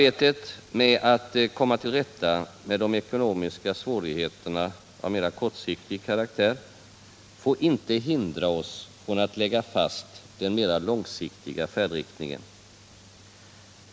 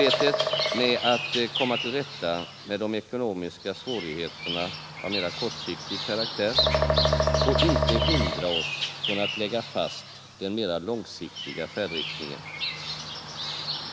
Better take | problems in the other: first | background sound (Bowed string instrument + Bird vocalization, bird call, bird song); 1 dB above the speech

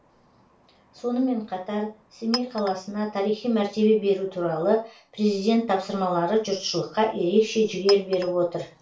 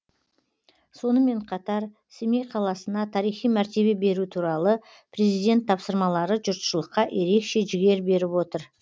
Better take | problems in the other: second | background sound (Chink, clink); 18 dB below the speech // room echo; dies away in 0.3 s

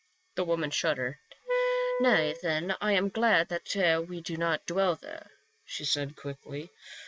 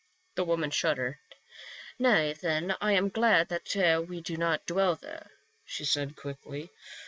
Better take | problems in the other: second | background sound (Wind instrument, woodwind instrument); 1 dB below the speech

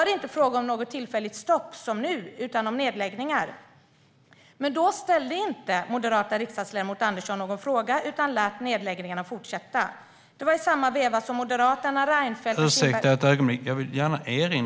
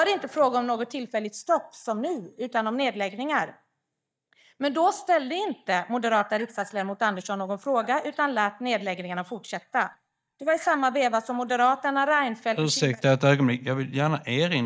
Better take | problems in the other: first | noise reduction (neural mask model DeepFilterNet 3)

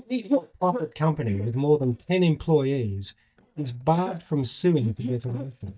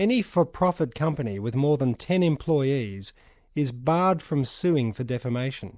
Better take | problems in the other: second | noise reduction (neural mask model DeepFilterNet 3)

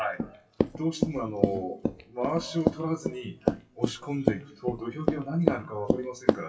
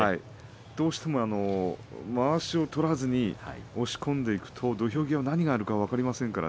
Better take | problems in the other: second | noise reduction (classical method WPE with log-MMSE)

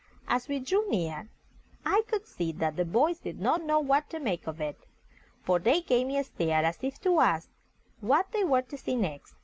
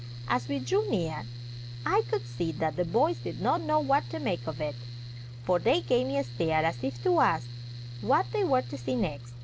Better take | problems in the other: first | background sound (Mechanical fan); 10 dB below the speech

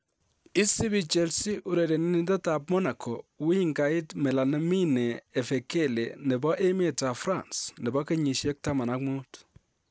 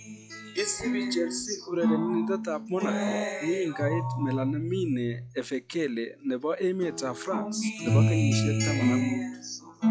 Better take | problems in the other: first | noise reduction (classical method log-MMSE)

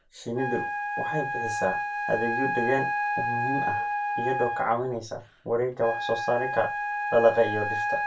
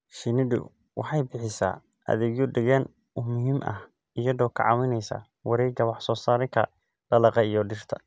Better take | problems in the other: second | background sound (Wind instrument, woodwind instrument); 1 dB below the speech // room echo; dies away in 0.2 s

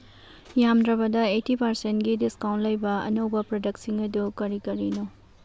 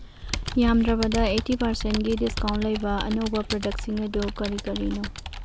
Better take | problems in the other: first | background sound (Computer keyboard); 5 dB below the speech

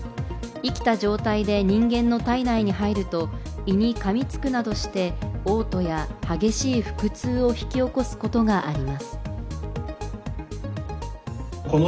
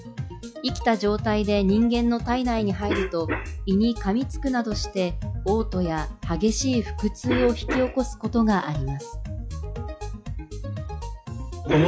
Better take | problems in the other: first | noise reduction (classical method log-MMSE)

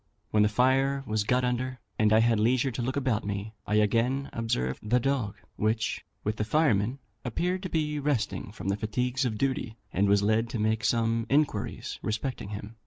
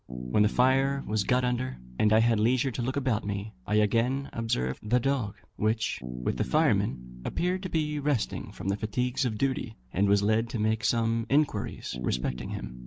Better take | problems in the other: first | background sound (Bass guitar); 14 dB below the speech

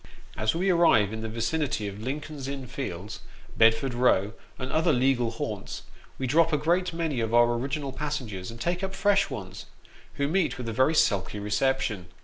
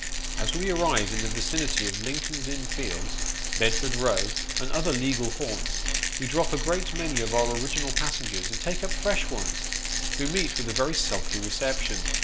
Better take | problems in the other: first | background sound (Rattle); 1 dB below the speech

